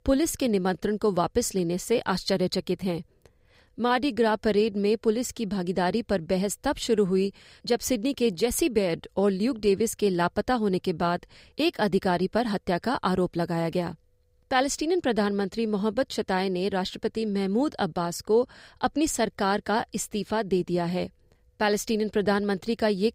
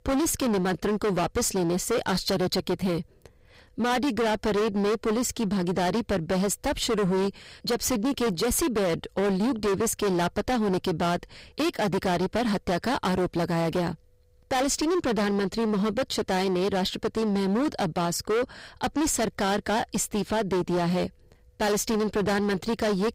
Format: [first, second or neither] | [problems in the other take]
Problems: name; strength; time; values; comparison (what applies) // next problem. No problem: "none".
first | distortion; heavy; 26% of the sound clipped